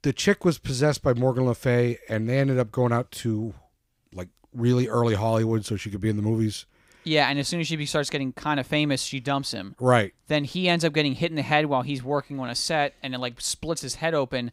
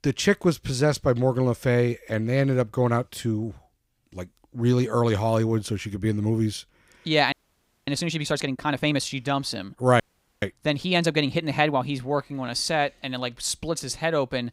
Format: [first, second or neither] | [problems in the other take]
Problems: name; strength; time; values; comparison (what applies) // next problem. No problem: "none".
first | audio freezing; at 7.5 s for 0.5 s and at 10 s